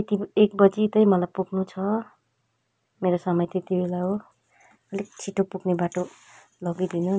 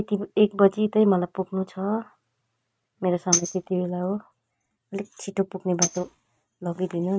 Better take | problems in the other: first | noise reduction (neural mask model RNNoise)

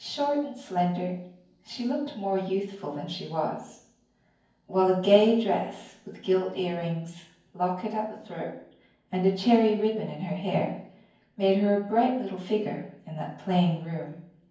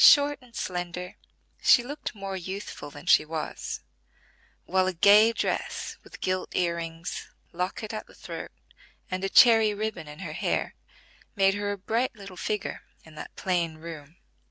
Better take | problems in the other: second | room echo; dies away in 0.9 s

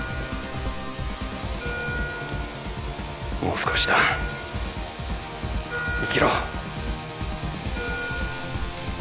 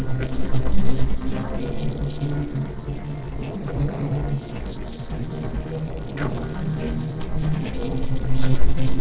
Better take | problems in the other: first | noise reduction (neural separator model SepFormer DNS4)

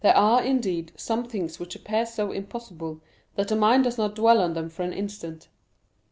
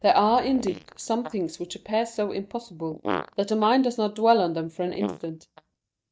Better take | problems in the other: first | noise reduction (neural mask model DeepFilterNet 3)

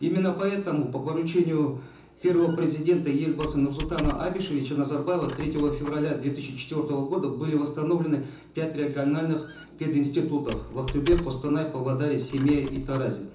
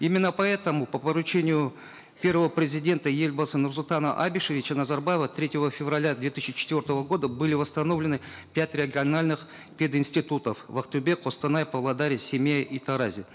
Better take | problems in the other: second | background sound (Squeak); 14 dB below the speech // room echo; dies away in 0.7 s

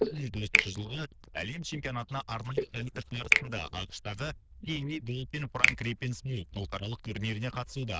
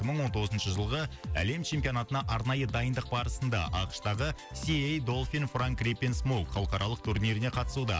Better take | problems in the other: second | noise reduction (neural diffusion model UNIVERSE++)

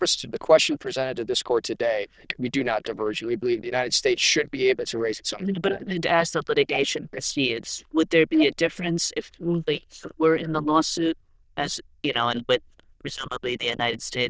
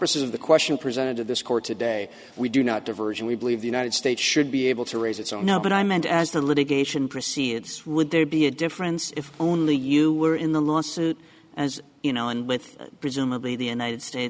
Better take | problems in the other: second | noise reduction (neural diffusion model UNIVERSE++)

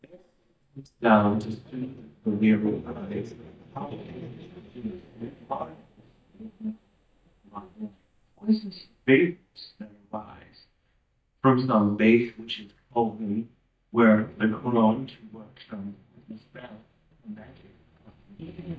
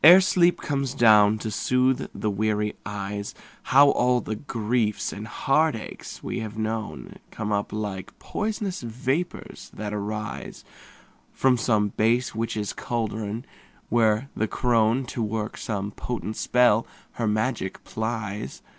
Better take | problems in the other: second | noise reduction (neural mask model DeepFilterNet 3)

